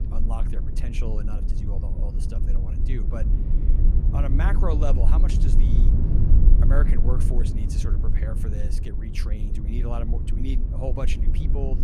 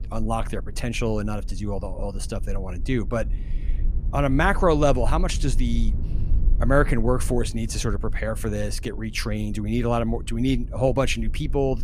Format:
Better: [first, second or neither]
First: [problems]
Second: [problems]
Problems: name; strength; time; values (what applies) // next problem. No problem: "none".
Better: second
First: low rumble; loud; throughout; 3 dB below the speech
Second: low rumble; faint; throughout; 20 dB below the speech